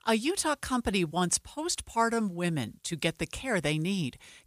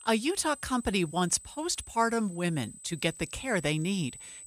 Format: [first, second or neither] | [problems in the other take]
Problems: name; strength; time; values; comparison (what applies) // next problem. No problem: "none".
first | high-pitched whine; noticeable; throughout; 8 kHz, 15 dB below the speech